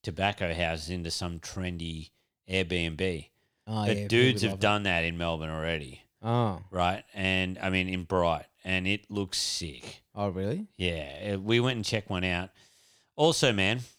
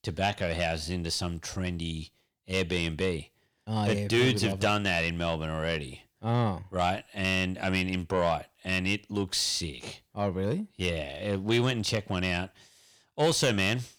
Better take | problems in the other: first | distortion; slight; 10 dB below the speech

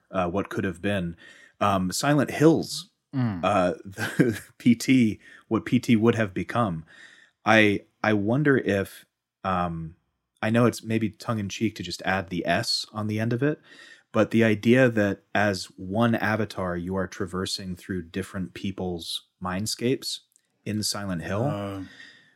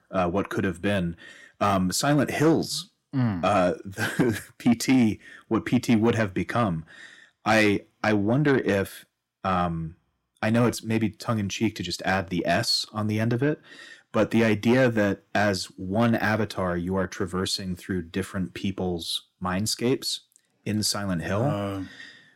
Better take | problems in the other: first | distortion; slight; 10 dB below the speech

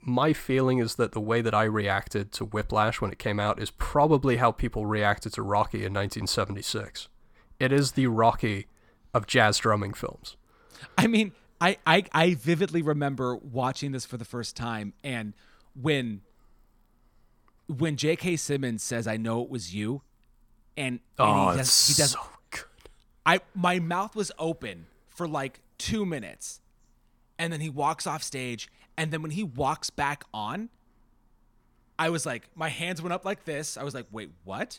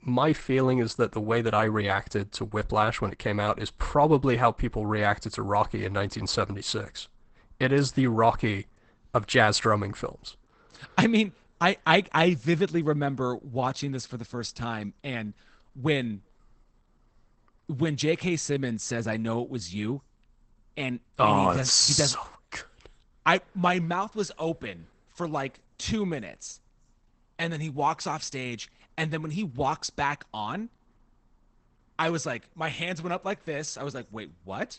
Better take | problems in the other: first | garbled, watery; badly; nothing above 8 kHz

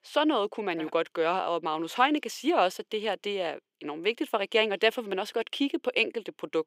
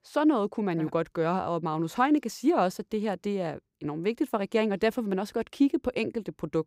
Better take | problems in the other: second | thin; somewhat; fading below 450 Hz

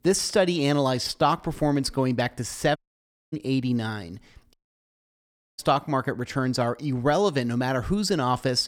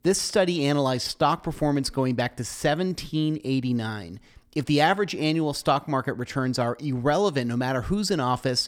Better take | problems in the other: second | audio cutting out; at 3 s for 0.5 s and at 4.5 s for 1 s

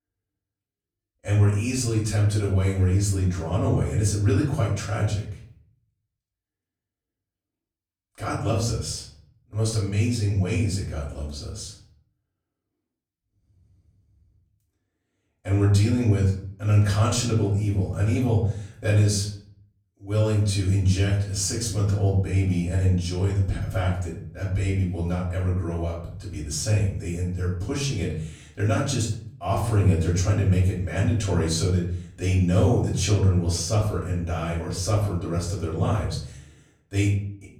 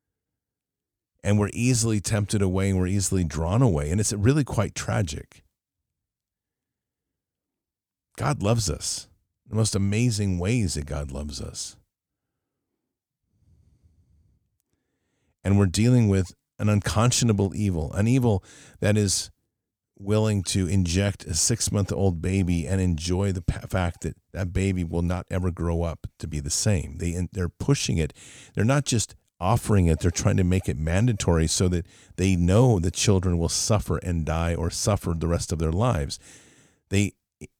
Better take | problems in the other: second | off-mic speech; far // room echo; slight; dies away in 0.5 s

